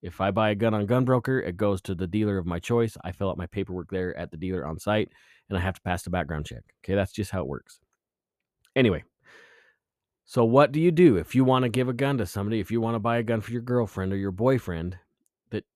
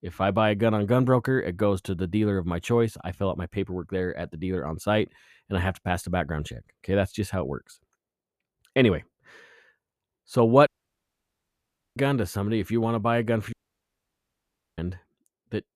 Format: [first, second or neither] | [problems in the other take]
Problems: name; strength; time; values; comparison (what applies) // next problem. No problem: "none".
first | audio cutting out; at 11 s for 1.5 s and at 14 s for 1.5 s